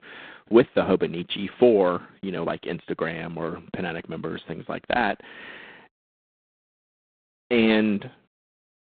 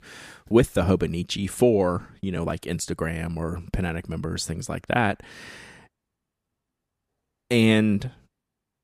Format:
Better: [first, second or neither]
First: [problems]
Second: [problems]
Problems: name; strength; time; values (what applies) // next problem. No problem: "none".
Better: second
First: phone-call audio; poor line; nothing above 4 kHz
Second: none